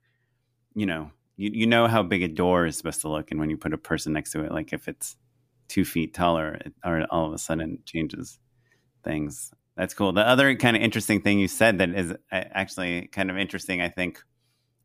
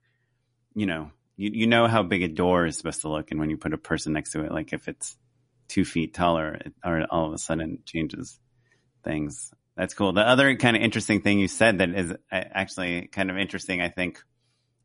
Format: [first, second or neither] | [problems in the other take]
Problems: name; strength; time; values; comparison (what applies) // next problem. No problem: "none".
first | garbled, watery; slightly; nothing above 10.5 kHz